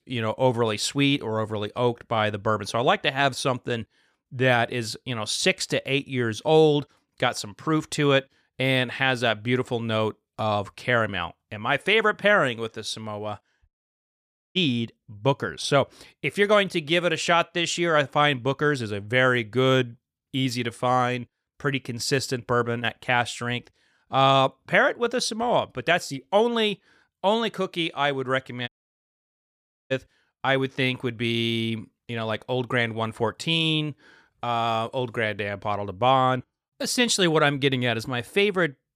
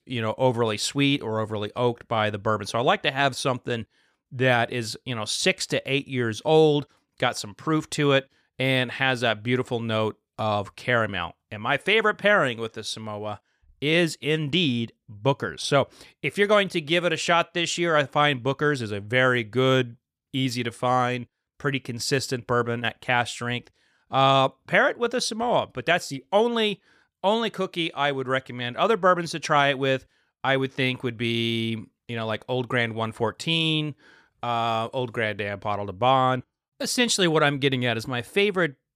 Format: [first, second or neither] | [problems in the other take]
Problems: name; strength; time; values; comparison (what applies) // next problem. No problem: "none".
second | audio cutting out; at 14 s for 1 s and at 29 s for 1 s